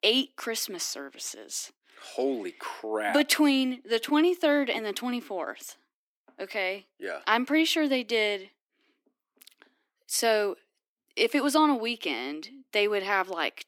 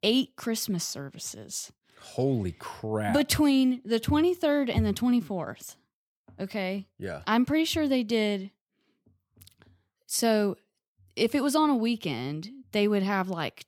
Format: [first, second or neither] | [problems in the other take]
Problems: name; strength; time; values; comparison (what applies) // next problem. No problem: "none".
second | thin; very slightly; fading below 300 Hz